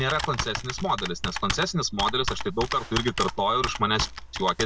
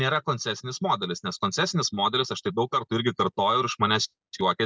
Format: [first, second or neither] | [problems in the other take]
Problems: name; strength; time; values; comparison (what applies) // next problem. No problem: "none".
second | background sound (Computer keyboard); 6 dB below the speech